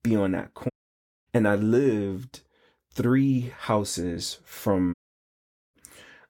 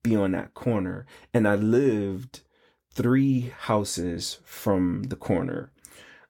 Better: second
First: audio cutting out; at 0.5 s for 0.5 s and at 5 s for 1 s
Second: none

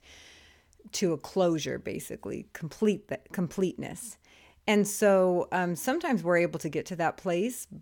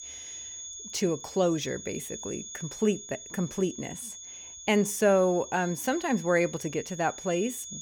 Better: first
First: none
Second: high-pitched whine; noticeable; throughout; 6.5 kHz, 10 dB below the speech

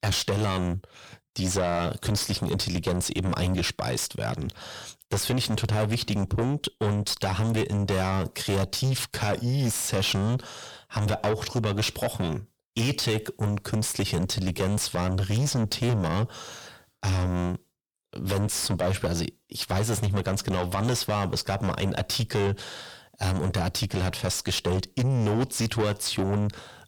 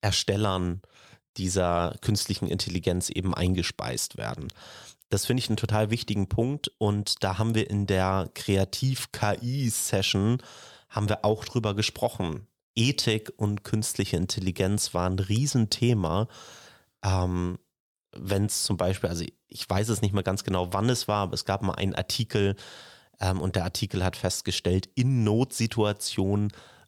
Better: second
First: distortion; heavy; 5 dB below the speech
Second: none

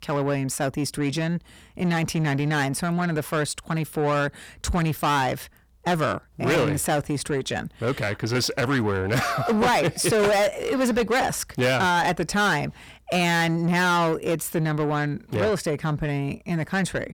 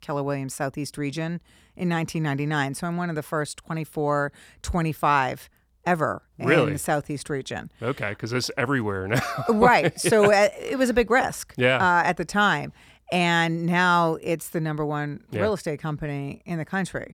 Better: second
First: distortion; heavy; 7 dB below the speech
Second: none

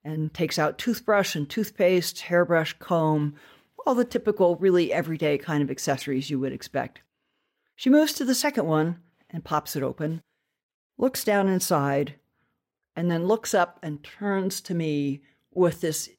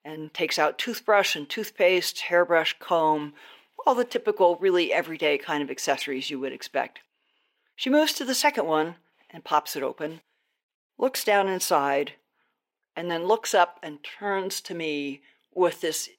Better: first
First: none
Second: thin; somewhat; fading below 400 Hz

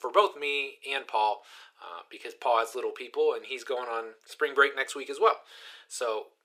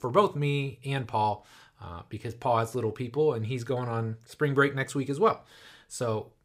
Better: second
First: thin; very; fading below 400 Hz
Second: none

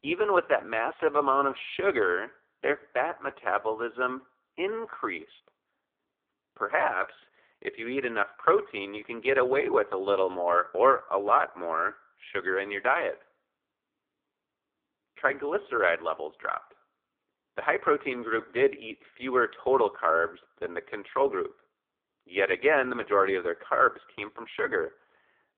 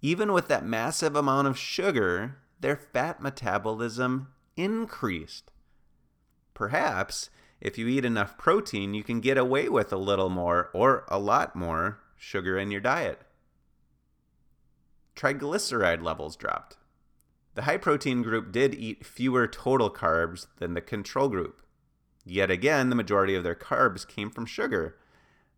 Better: second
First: phone-call audio; poor line; nothing above 3.5 kHz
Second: none

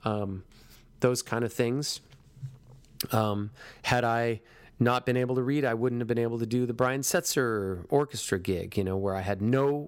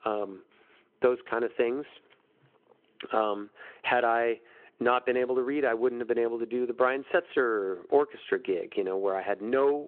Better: first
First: none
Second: phone-call audio

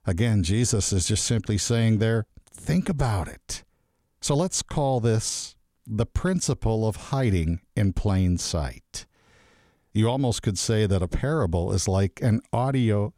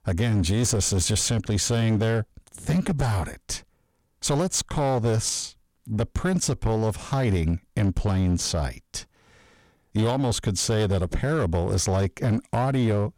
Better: first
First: none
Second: distortion; slight; 12% of the sound clipped

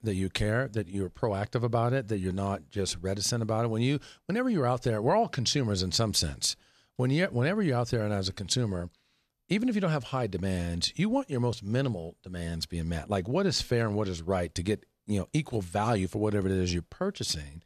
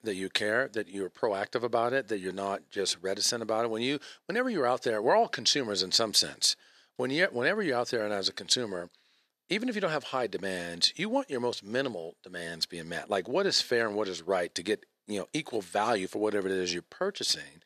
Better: first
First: none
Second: thin; somewhat; fading below 350 Hz

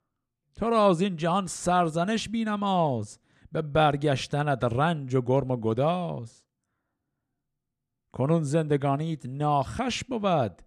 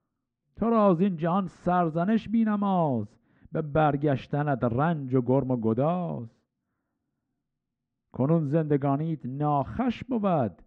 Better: first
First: none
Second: muffled; very; fading above 2 kHz

